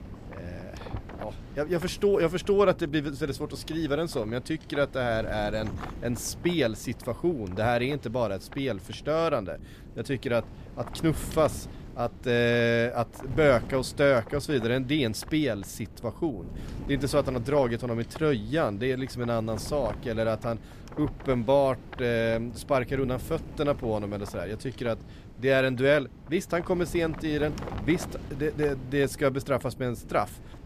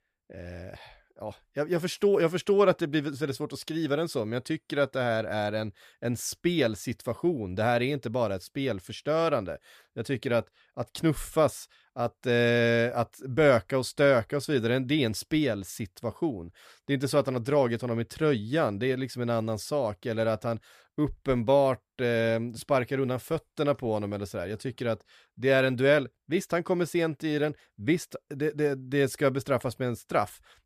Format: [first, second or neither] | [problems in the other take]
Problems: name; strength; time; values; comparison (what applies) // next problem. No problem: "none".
second | wind noise on the microphone; occasional gusts; 20 dB below the speech